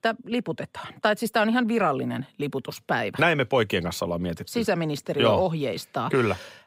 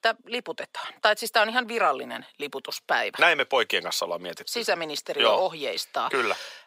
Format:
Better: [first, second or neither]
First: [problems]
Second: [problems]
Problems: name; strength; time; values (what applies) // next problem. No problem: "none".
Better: first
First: none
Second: thin; very; fading below 600 Hz